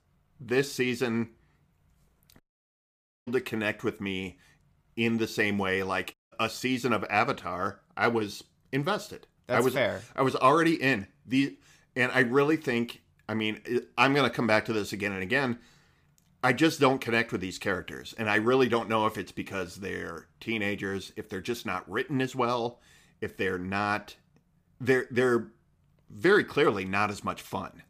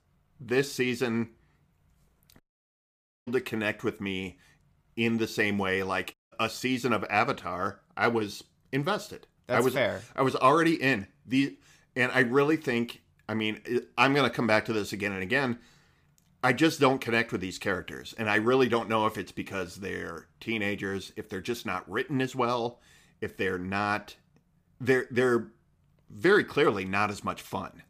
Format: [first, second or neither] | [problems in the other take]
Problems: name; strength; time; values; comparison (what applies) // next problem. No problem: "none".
neither | audio cutting out; at 2.5 s for 1 s and at 6 s; the same in both